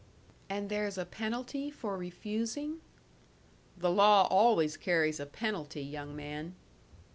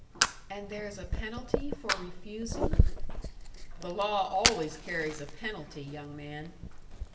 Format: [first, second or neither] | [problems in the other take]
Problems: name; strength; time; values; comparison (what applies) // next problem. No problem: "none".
first | background sound (Fire); 5 dB above the speech // room echo; dies away in 0.7 s